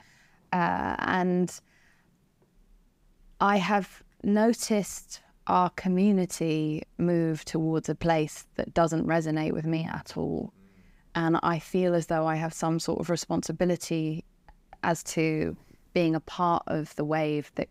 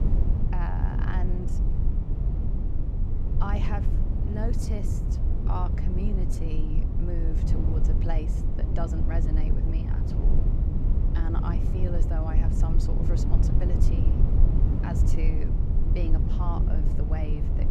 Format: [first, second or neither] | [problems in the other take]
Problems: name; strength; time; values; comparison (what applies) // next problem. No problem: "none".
first | low rumble; loud; throughout; 1 dB below the speech